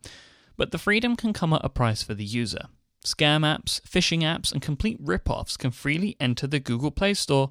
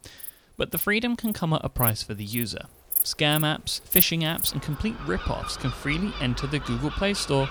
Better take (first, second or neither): first